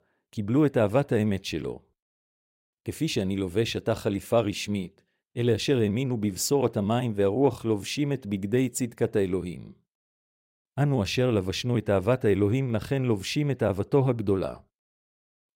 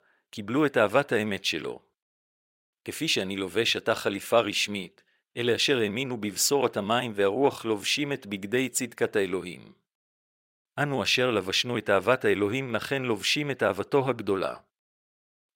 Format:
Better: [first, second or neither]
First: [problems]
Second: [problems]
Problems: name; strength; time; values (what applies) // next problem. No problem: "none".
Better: first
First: none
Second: thin; somewhat; fading below 1 kHz